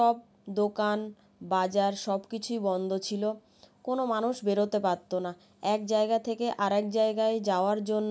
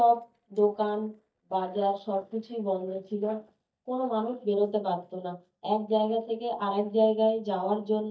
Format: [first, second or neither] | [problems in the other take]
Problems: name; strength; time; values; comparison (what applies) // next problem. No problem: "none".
first | noise reduction (neural mask model DeepFilterNet 3)